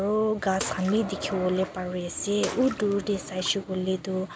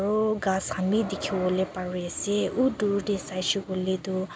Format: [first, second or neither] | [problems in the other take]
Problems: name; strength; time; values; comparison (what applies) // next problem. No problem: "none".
second | background sound (Bathtub (filling or washing) / Water / Splash, splatter); 15 dB below the speech